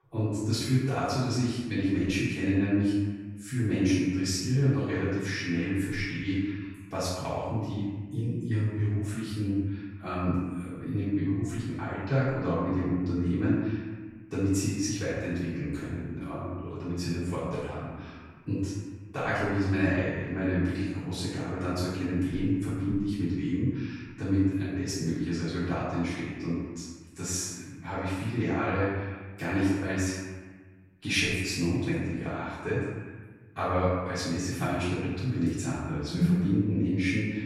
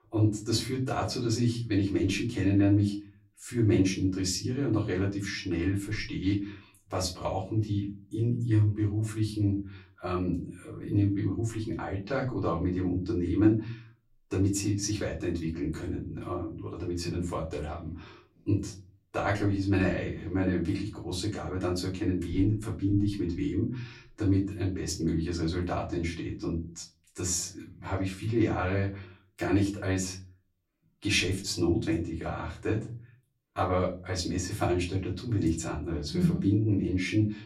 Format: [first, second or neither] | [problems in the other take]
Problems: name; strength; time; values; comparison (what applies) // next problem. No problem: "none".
second | room echo; strong; dies away in 1.3 s; slight in the second // off-mic speech; far; far in the second